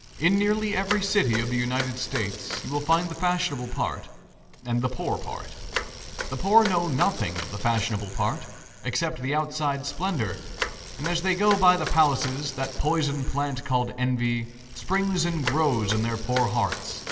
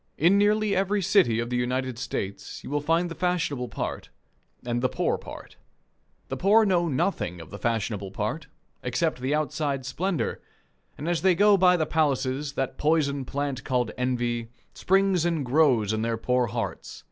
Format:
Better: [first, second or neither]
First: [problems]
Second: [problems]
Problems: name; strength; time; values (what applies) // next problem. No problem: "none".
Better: second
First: background sound (Bicycle); 11 dB below the speech // room echo; dies away in 2.5 s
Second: none